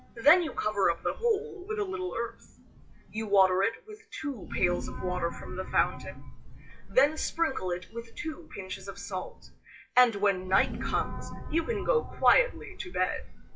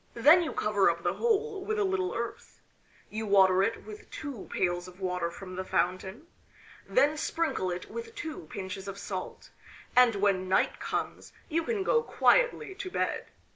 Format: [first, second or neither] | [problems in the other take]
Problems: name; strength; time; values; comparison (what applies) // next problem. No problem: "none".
second | noise reduction (classical method WPE with log-MMSE)